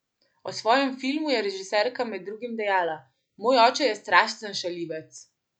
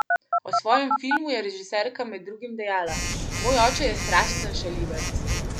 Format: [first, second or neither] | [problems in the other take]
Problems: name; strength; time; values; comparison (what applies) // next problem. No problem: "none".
first | background sound (Telephone); 1 dB below the speech